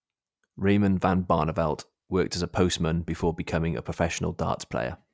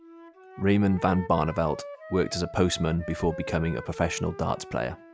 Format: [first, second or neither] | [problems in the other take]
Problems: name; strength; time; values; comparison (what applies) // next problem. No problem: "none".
first | background sound (Wind instrument, woodwind instrument); 15 dB below the speech